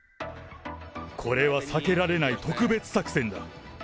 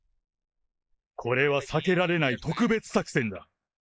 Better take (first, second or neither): first